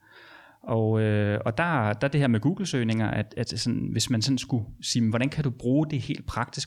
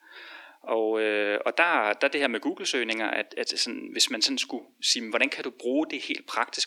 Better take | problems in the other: first | thin; somewhat; fading below 300 Hz

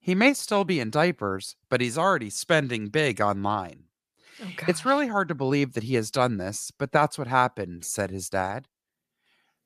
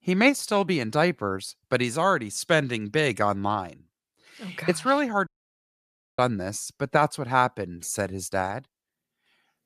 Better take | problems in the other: first | audio cutting out; at 5.5 s for 1 s

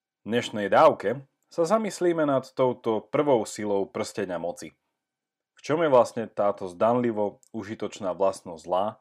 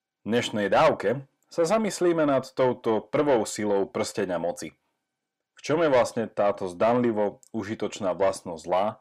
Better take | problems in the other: first | distortion; slight; 10 dB below the speech

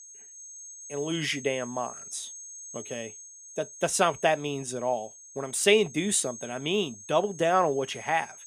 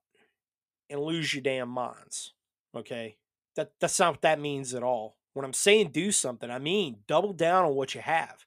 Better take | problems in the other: second | high-pitched whine; noticeable; throughout; 6.5 kHz, 15 dB below the speech

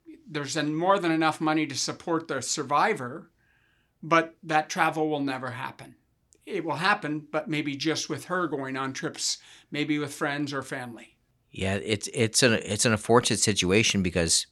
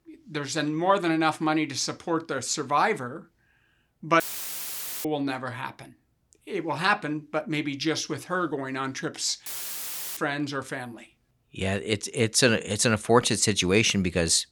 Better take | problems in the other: first | audio cutting out; filled with static; at 4 s for 1 s and at 9.5 s for 0.5 s

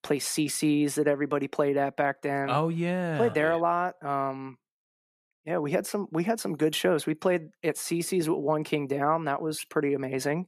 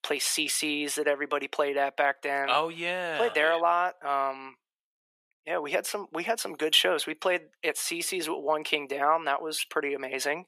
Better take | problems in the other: first | thin; somewhat; fading below 550 Hz

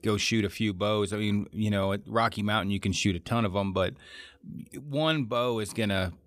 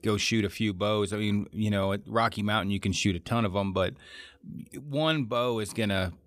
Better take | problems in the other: neither | none

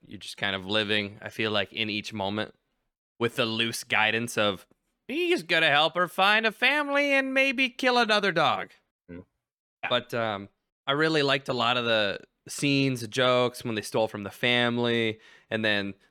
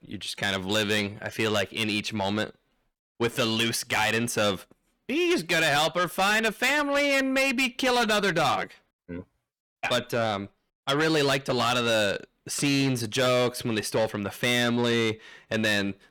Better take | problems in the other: first | distortion; heavy; 7 dB below the speech

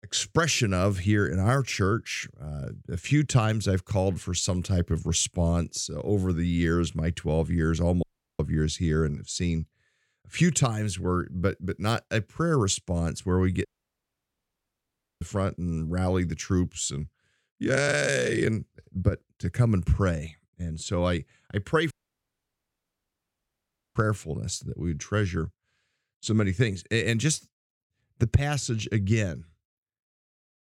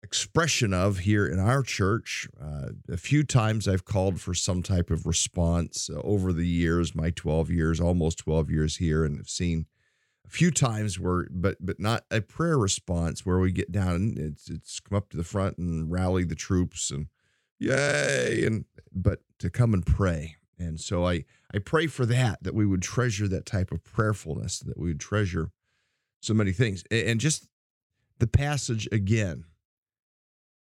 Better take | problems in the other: second | audio cutting out; at 8 s, at 14 s for 1.5 s and at 22 s for 2 s

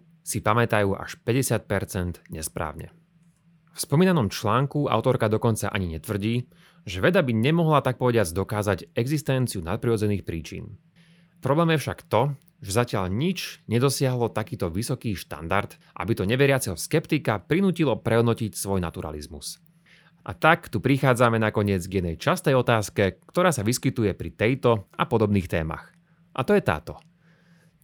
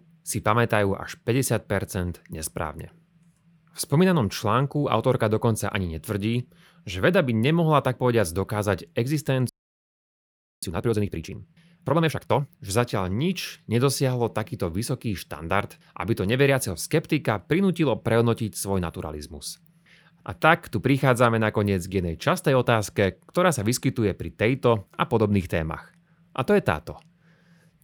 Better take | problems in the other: first | audio freezing; at 9.5 s for 1 s

